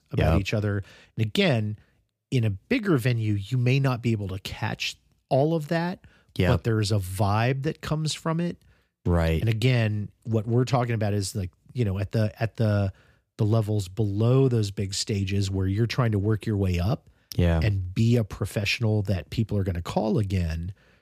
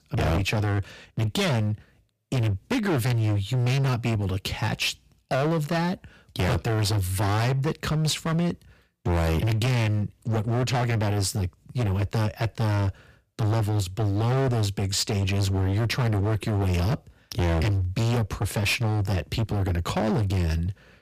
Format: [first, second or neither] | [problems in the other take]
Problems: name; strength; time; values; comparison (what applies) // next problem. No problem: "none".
first | distortion; heavy; 29% of the sound clipped